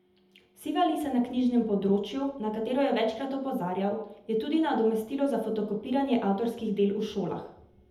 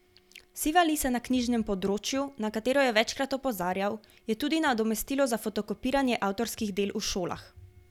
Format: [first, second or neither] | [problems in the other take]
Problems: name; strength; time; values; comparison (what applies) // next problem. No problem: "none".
second | room echo; dies away in 0.7 s